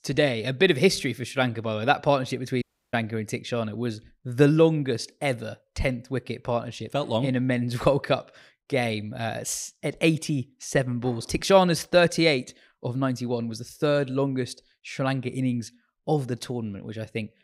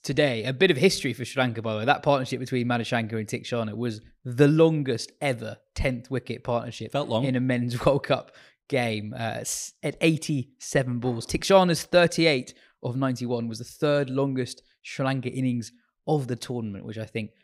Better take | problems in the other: second | audio cutting out; at 2.5 s

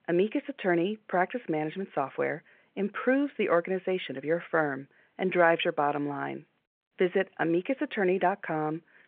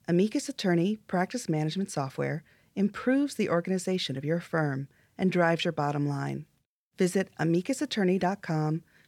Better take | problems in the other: second | phone-call audio

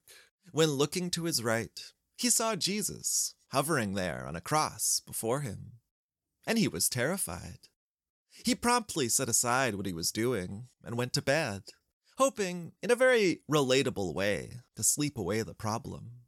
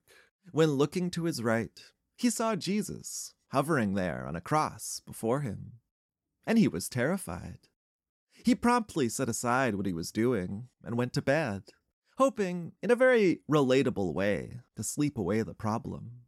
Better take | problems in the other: first | muffled; slightly; fading above 3 kHz

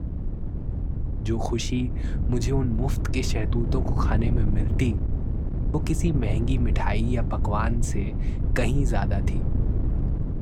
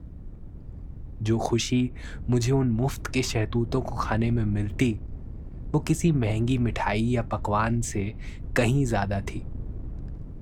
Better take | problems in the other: second | wind noise on the microphone; heavy; 8 dB below the speech; occasional gusts in the second

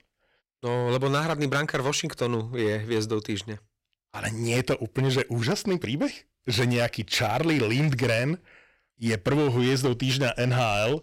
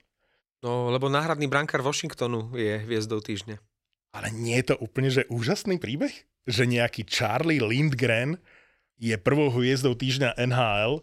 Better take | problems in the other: second | distortion; slight; 8% of the sound clipped

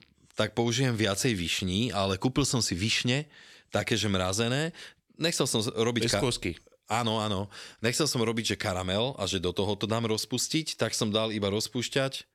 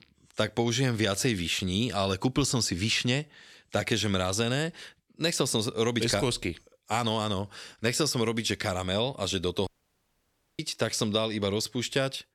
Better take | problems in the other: first | audio cutting out; at 9.5 s for 1 s

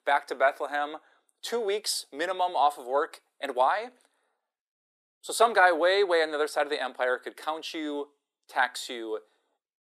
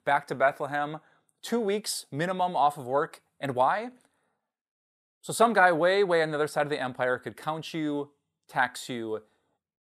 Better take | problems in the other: second | thin; somewhat; fading below 300 Hz

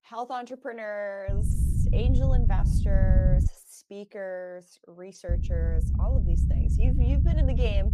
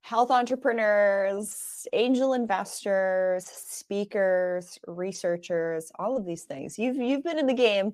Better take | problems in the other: second | low rumble; loud; from 1.5 to 3.5 s and from 5.5 s on; 5 dB below the speech

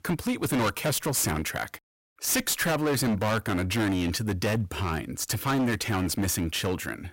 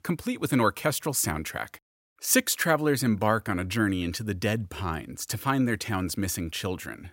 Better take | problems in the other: second | distortion; heavy; 20% of the sound clipped

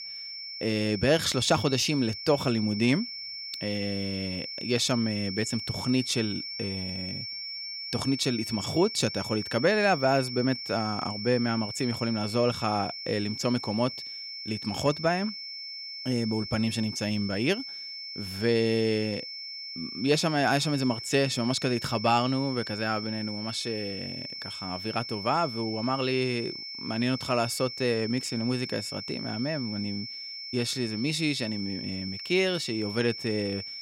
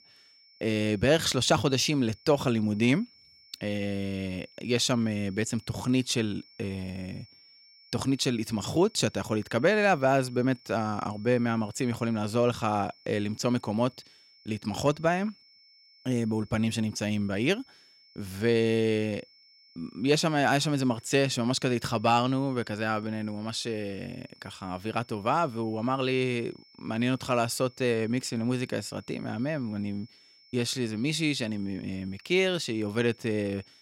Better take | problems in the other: second | high-pitched whine; loud; throughout; 5.5 kHz, 7 dB below the speech; faint in the second

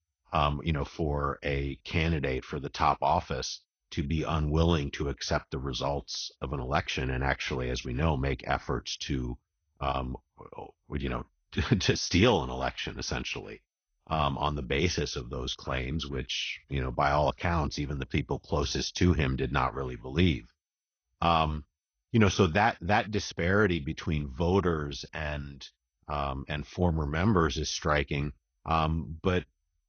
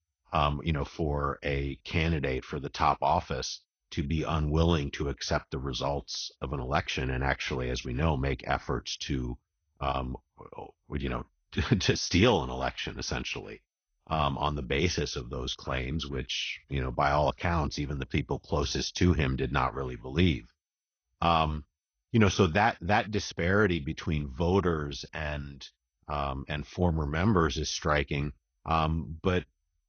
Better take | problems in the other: neither | garbled, watery; slightly; nothing above 6.5 kHz; the same in both

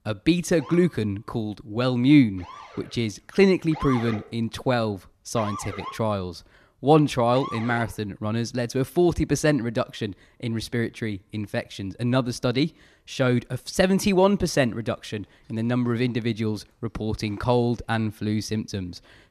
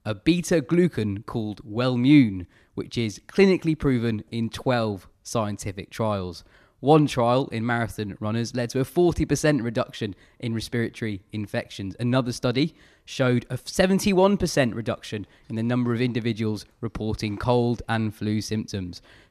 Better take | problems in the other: second | siren; noticeable; from 0.5 to 8 s; peak 8 dB below the speech

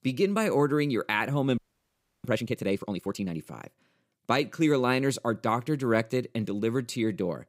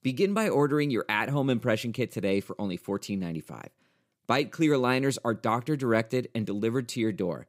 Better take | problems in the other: second | audio freezing; at 1.5 s for 0.5 s

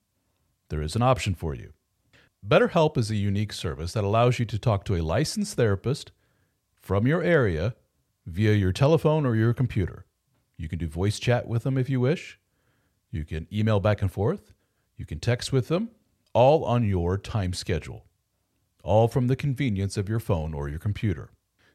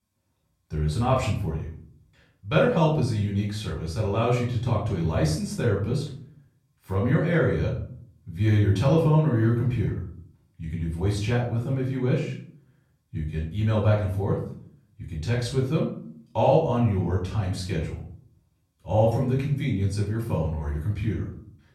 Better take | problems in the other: first | off-mic speech; far // room echo; noticeable; dies away in 0.5 s

